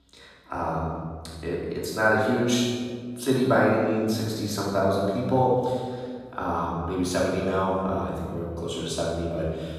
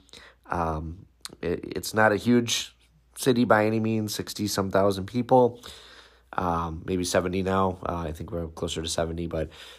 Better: second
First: off-mic speech; far // room echo; strong; dies away in 1.5 s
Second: none

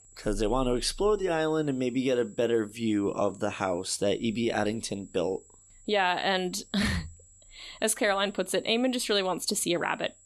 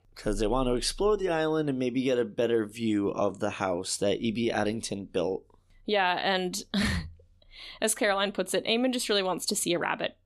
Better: second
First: high-pitched whine; faint; throughout; 8 kHz, 25 dB below the speech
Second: none

